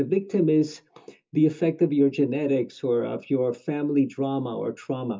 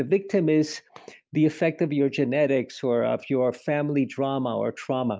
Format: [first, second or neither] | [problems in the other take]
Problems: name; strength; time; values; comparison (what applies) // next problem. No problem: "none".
second | room echo; dies away in 0.2 s